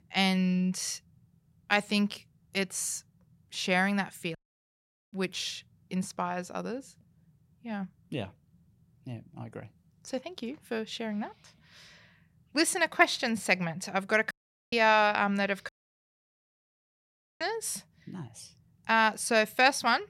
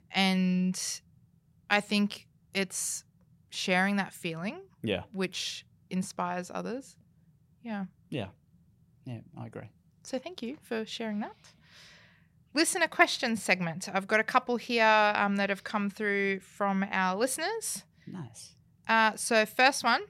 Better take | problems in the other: second | audio cutting out; at 4.5 s for 1 s, at 14 s and at 16 s for 1.5 s

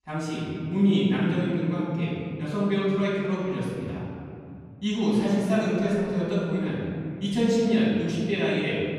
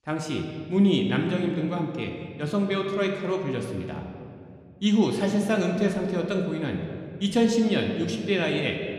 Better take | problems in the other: second | room echo; strong; dies away in 2.4 s; slight in the second // off-mic speech; far

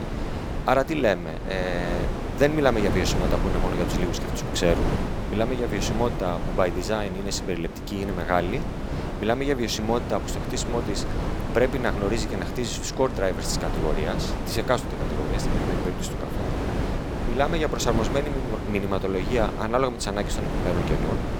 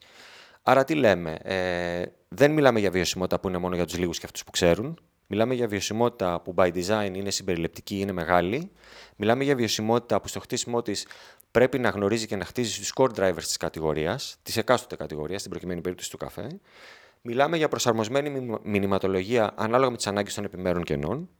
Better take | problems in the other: second | wind noise on the microphone; heavy; 6 dB below the speech

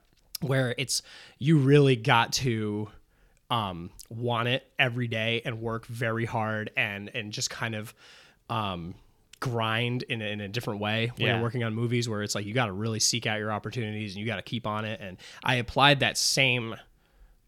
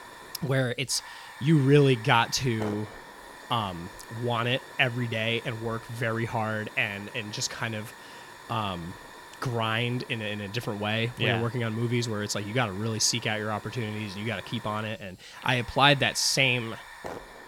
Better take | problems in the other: first | hiss; noticeable; throughout; 15 dB below the speech

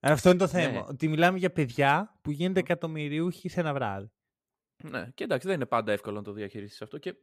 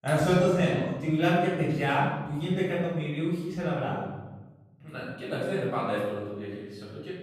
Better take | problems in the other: first | off-mic speech; far // room echo; noticeable; dies away in 1.1 s

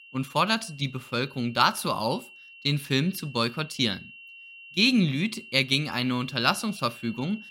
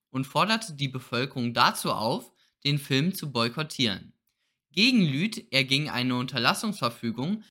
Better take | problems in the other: second | high-pitched whine; noticeable; throughout; 3 kHz, 20 dB below the speech

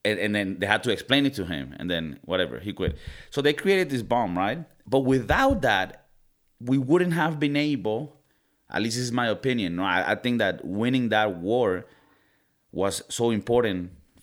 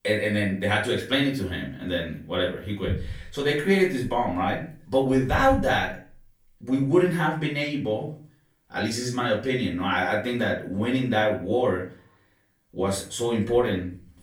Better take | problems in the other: first | off-mic speech; far // room echo; slight; dies away in 0.3 s

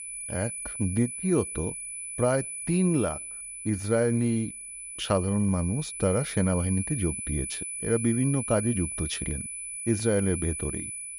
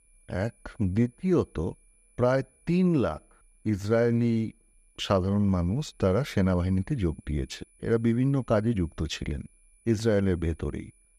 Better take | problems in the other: second | high-pitched whine; loud; throughout; 10 kHz, 6 dB below the speech; faint in the second

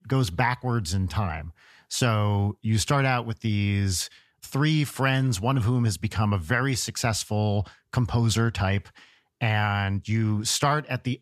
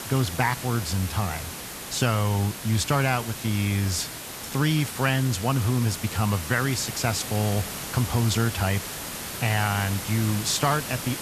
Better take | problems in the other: first | hiss; loud; throughout; 8 dB below the speech

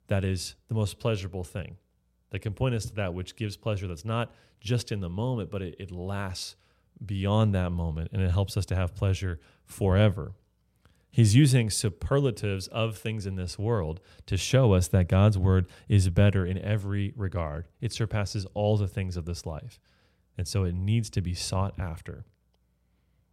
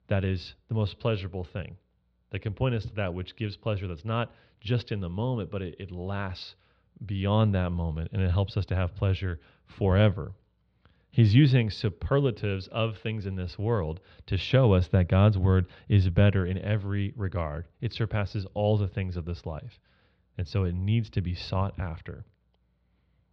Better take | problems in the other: first | muffled; slightly; fading above 4 kHz

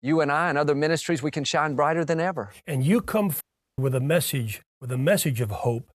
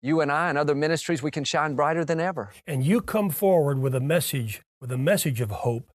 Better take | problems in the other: second | audio cutting out; at 3.5 s

